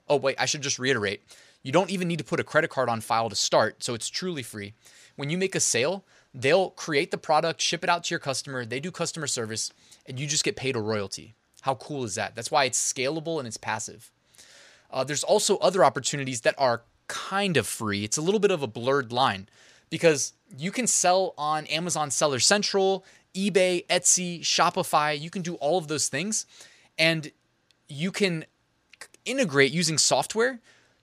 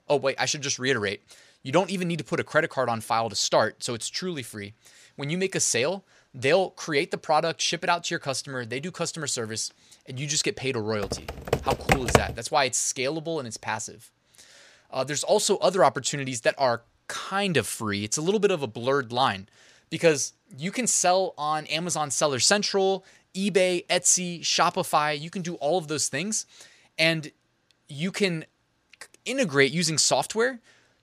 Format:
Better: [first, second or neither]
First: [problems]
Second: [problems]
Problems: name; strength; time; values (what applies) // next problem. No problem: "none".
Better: first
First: none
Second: keyboard typing; loud; from 11 to 12 s; peak 3 dB above the speech